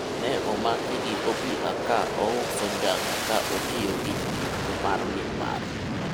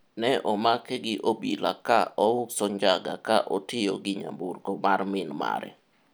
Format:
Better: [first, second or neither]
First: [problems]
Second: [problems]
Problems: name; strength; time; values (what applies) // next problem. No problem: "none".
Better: second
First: background sound (Aircraft); 1 dB above the speech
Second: none